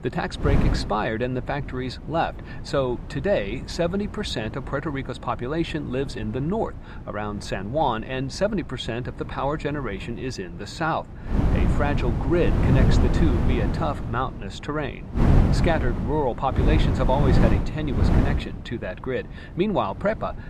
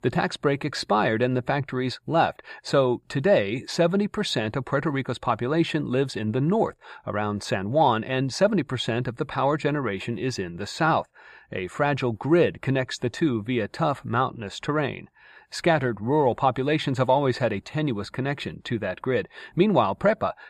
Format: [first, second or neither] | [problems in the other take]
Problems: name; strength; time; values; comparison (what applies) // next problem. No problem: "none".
second | wind noise on the microphone; heavy; 5 dB below the speech